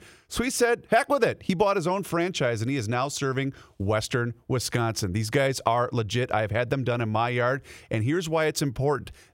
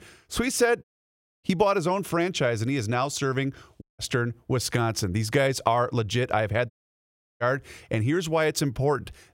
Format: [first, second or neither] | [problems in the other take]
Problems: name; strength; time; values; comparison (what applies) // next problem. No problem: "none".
first | audio cutting out; at 1 s for 0.5 s, at 4 s and at 6.5 s for 0.5 s